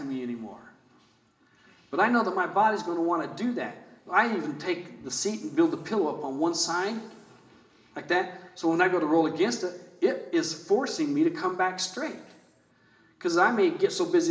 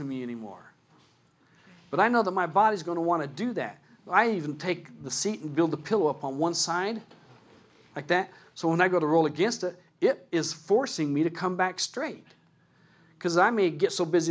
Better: second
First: room echo; dies away in 1.4 s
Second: none

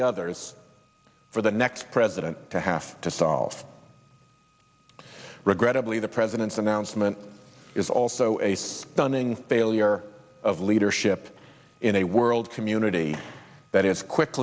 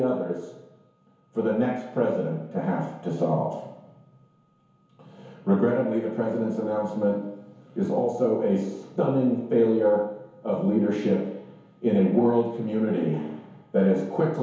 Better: first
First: none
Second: room echo; dies away in 1 s

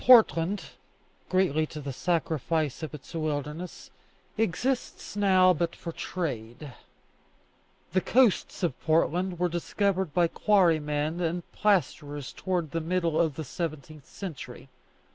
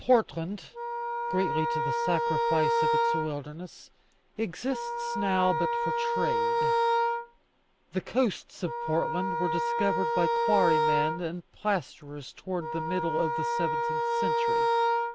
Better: first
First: none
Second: background sound (Wind instrument, woodwind instrument); 3 dB above the speech

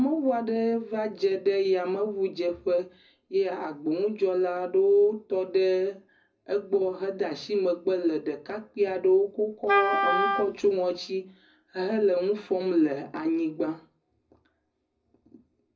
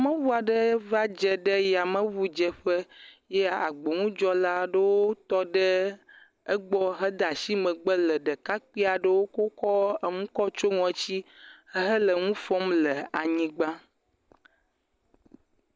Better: second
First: background sound (Wind instrument, woodwind instrument); as loud as the speech // room echo; dies away in 0.4 s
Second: none

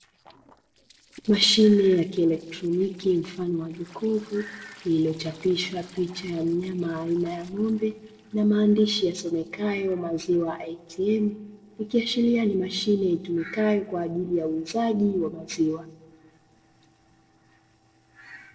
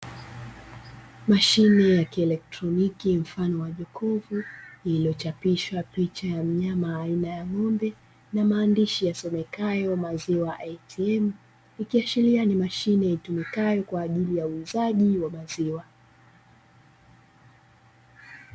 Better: second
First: noise reduction (neural separator model SepFormer DNS4)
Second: none

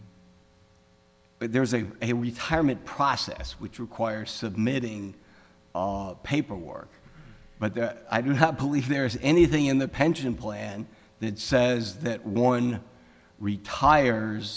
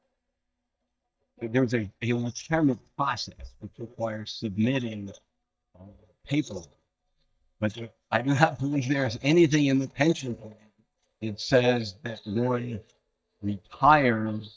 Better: first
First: none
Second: noise reduction (neural mask model DeepFilterNet 3)

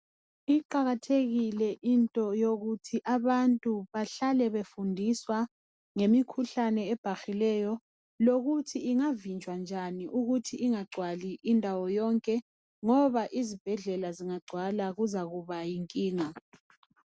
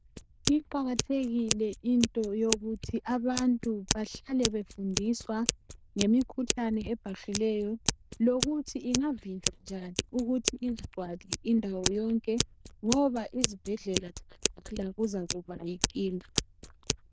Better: first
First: none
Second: noise reduction (neural diffusion model UNIVERSE++)

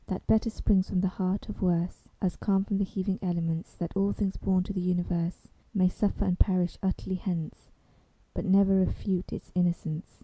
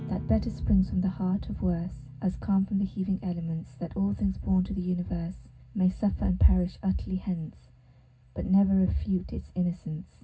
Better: first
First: none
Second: background sound (Guitar); 17 dB below the speech // room echo; dies away in 0.4 s

